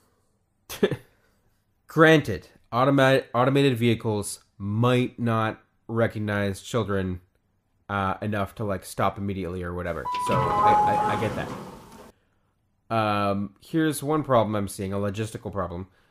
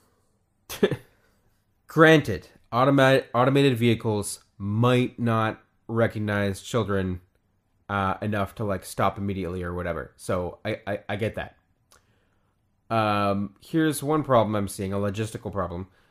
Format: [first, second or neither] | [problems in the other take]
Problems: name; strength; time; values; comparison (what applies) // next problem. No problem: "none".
second | doorbell; loud; from 10 to 12 s; peak 6 dB above the speech